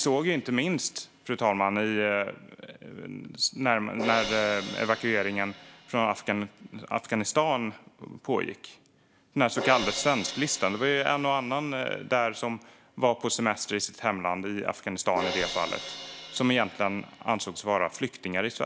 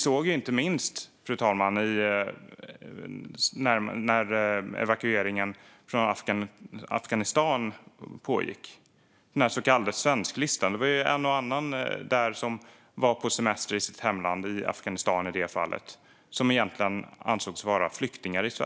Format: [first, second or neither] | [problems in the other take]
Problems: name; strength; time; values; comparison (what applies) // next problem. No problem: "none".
second | background sound (Crash cymbal); 13 dB below the speech